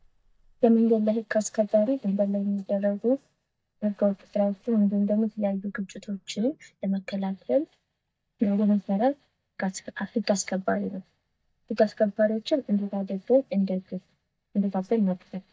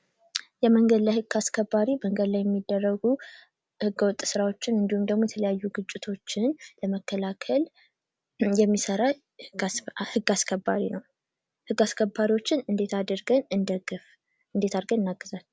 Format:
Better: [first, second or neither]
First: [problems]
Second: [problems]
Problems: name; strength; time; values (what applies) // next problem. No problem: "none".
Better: second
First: noise reduction (neural mask model DeepFilterNet 3)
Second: none